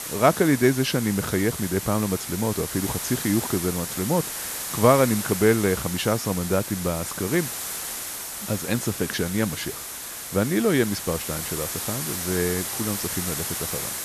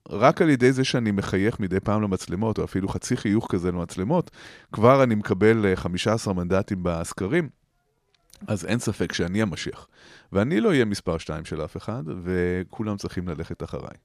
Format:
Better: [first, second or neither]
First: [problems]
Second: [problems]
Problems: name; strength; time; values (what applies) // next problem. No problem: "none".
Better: second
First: hiss; loud; throughout; 5 dB below the speech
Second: none